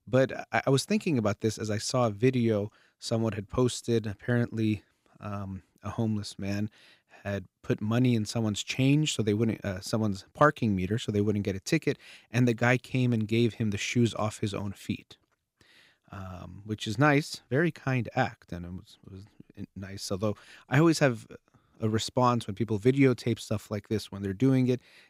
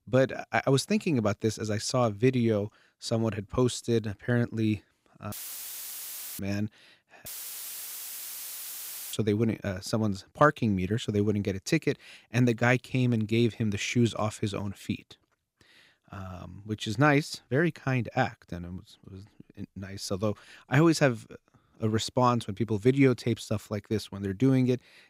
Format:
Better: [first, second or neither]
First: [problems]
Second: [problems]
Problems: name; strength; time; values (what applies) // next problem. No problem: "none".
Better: first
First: none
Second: audio cutting out; filled with static; at 5.5 s for 1 s and at 7.5 s for 2 s